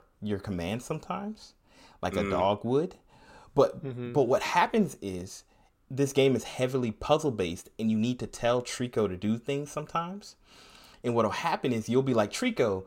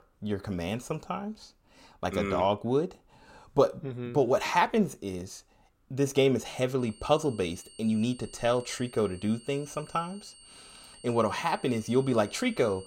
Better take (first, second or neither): first